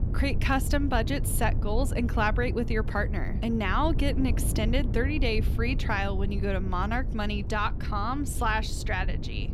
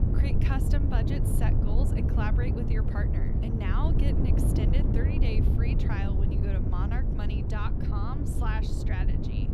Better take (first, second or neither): first